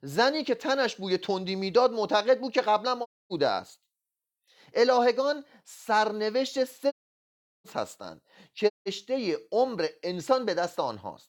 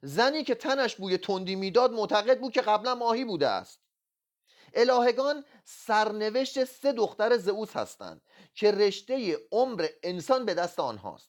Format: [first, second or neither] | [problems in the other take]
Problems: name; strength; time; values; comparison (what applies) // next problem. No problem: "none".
second | audio cutting out; at 3 s, at 7 s for 0.5 s and at 8.5 s